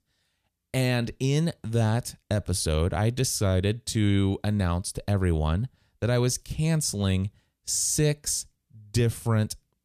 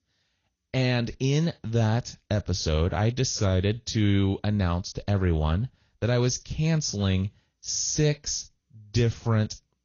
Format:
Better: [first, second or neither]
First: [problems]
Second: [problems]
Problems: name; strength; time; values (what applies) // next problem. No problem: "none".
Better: first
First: none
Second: garbled, watery; slightly; nothing above 6.5 kHz